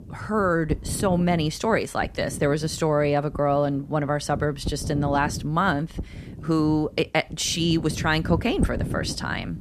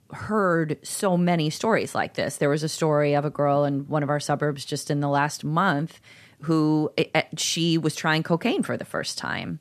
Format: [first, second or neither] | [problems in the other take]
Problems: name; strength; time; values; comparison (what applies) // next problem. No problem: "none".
second | wind noise on the microphone; occasional gusts; 20 dB below the speech